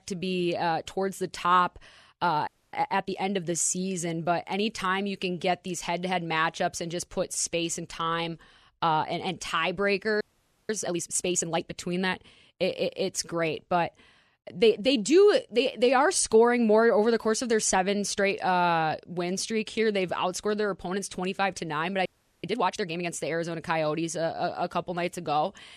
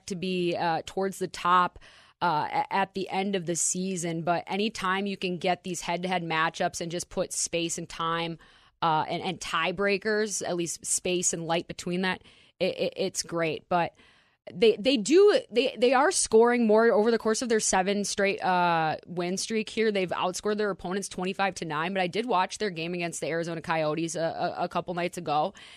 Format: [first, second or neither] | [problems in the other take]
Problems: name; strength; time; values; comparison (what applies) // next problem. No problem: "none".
second | audio freezing; at 2.5 s, at 10 s and at 22 s